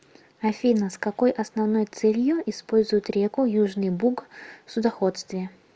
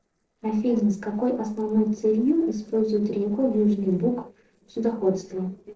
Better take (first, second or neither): first